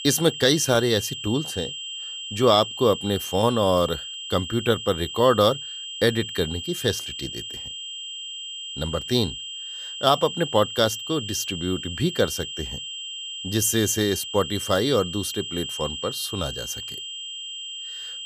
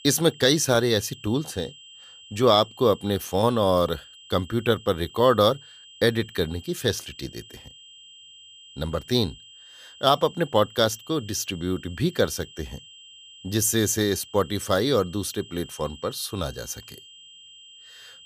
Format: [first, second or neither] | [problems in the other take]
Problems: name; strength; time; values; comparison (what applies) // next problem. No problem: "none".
second | high-pitched whine; loud; throughout; 3 kHz, 8 dB below the speech; faint in the second